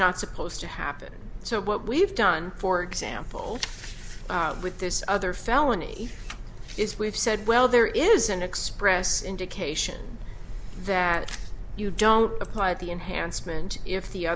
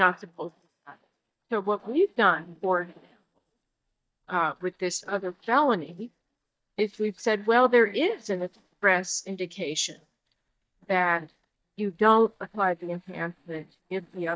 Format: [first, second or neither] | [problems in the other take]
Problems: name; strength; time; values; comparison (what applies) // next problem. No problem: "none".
first | noise reduction (neural mask model DeepFilterNet 3)